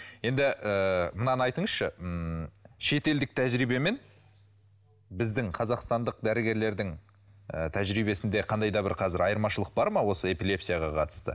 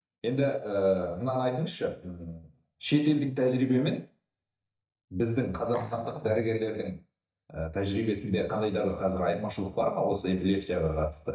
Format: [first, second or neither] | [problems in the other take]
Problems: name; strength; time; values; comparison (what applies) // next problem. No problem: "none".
first | noise reduction (neural mask model DeepFilterNet 3)